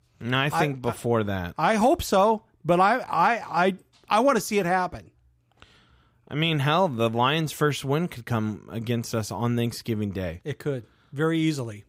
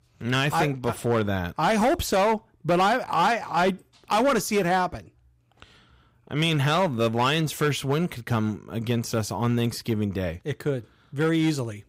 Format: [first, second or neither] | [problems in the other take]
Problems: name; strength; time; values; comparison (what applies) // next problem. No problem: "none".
first | distortion; slight; 7% of the sound clipped